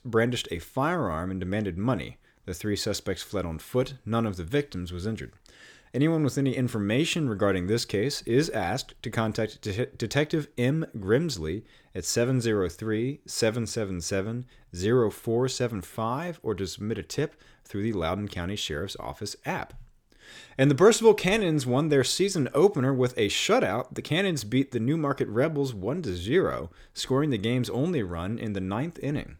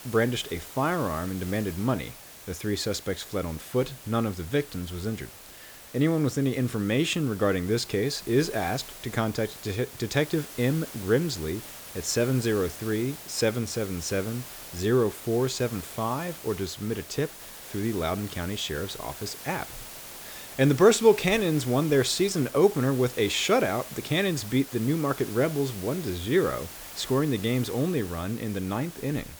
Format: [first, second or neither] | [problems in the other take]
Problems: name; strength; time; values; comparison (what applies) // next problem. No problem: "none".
first | hiss; noticeable; throughout; 15 dB below the speech